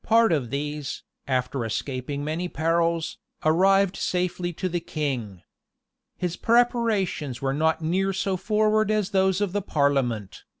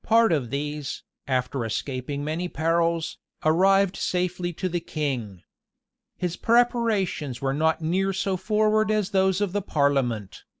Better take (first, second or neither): first